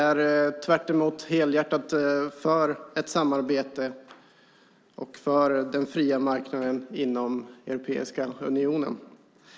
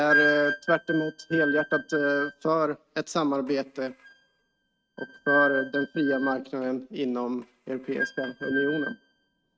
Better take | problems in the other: first | noise reduction (neural mask model RNNoise)

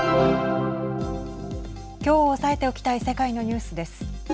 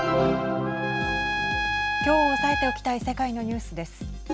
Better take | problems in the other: first | background sound (Trumpet); 3 dB below the speech

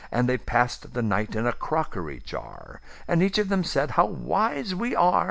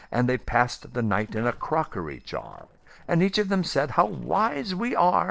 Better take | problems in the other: first | noise reduction (neural separator model SepFormer DNS4)

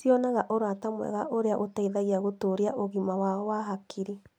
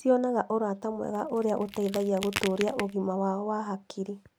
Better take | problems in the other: first | background sound (Crack); 12 dB below the speech

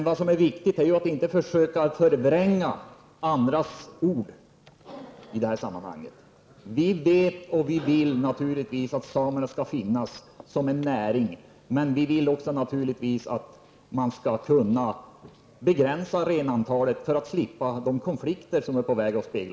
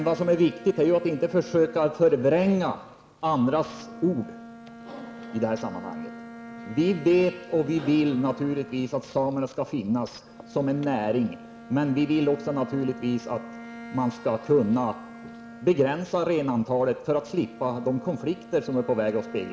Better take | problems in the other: first | background sound (Bowed string instrument); 17 dB below the speech

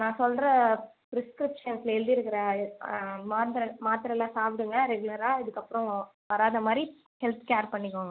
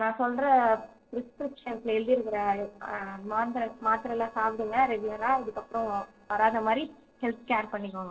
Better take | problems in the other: first | noise reduction (neural separator model SepFormer DNS4)

